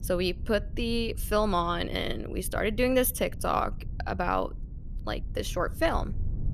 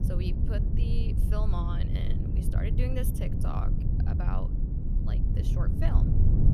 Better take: first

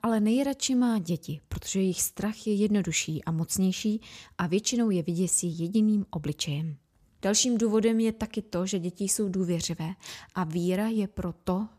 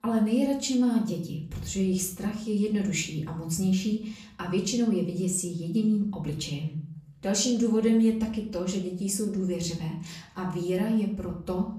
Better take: first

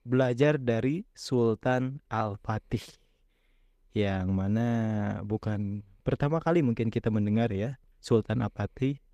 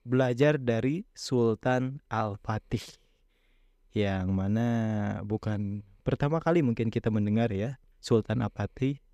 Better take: second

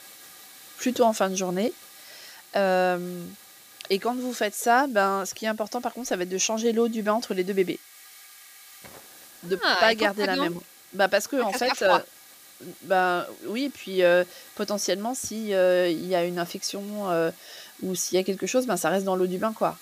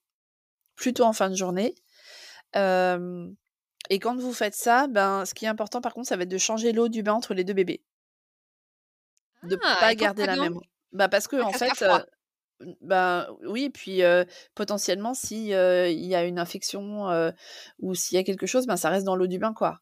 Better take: second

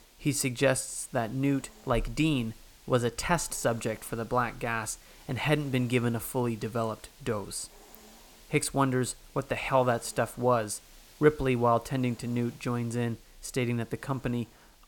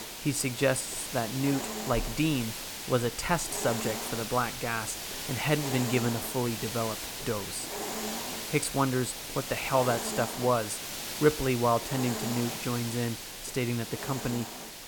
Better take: first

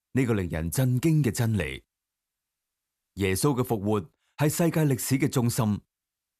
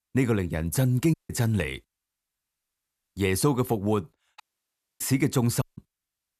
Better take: first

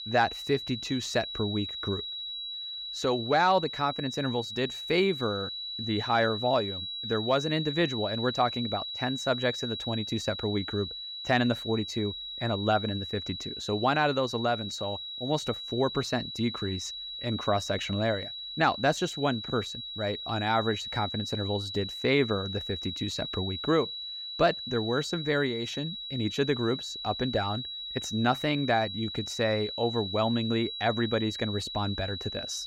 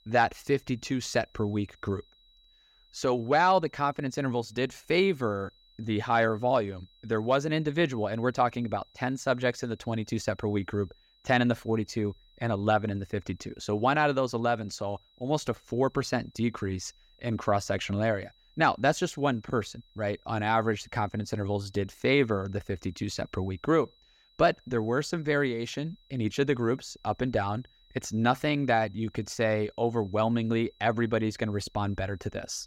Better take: second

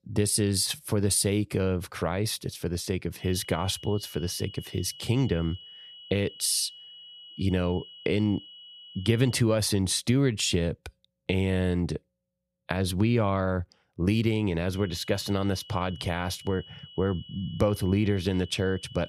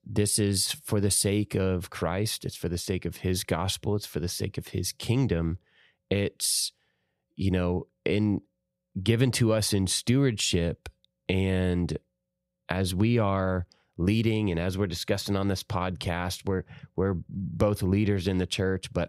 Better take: second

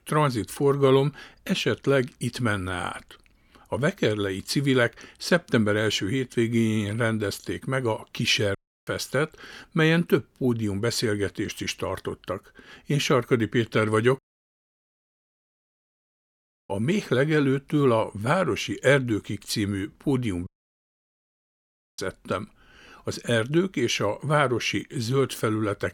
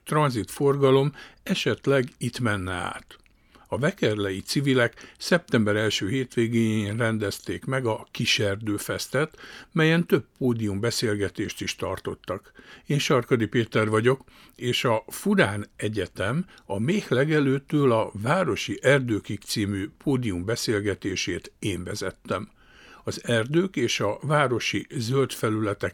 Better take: second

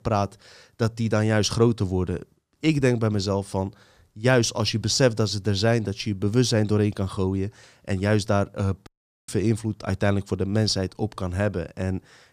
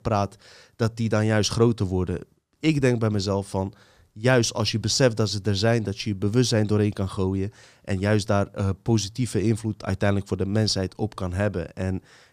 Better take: second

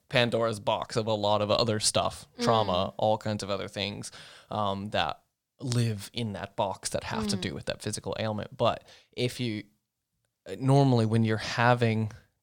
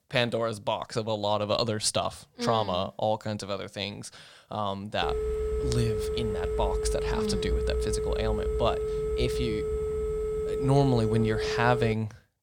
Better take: first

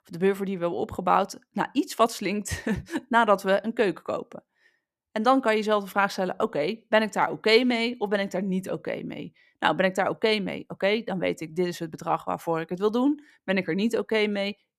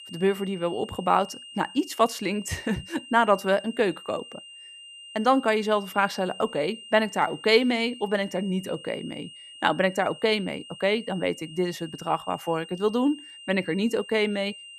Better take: first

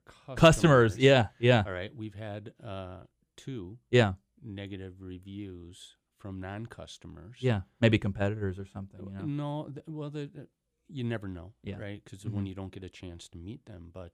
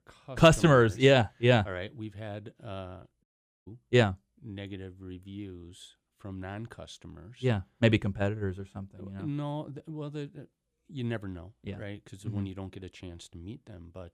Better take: first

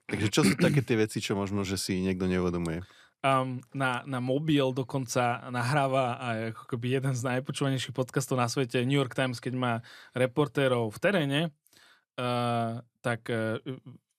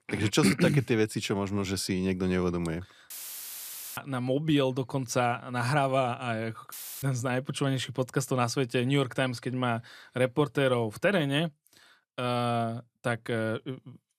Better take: first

